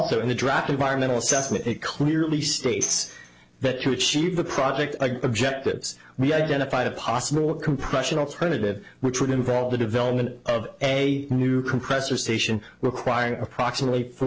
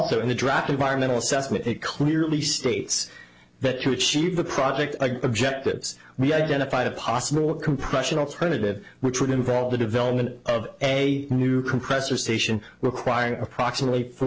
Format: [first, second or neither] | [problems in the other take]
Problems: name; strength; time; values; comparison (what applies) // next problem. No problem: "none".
second | background sound (Tambourine); 11 dB below the speech